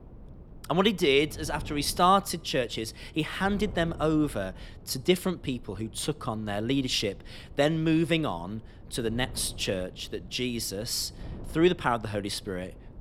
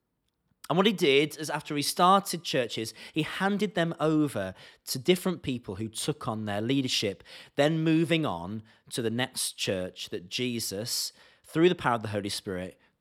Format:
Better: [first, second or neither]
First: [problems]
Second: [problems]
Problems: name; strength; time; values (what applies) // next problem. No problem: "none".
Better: second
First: wind noise on the microphone; occasional gusts; 25 dB below the speech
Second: none